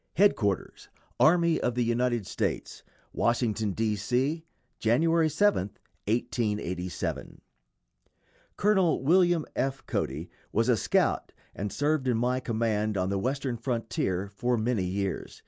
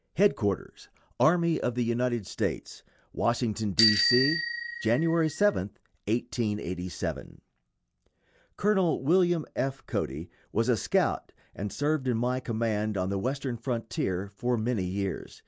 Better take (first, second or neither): first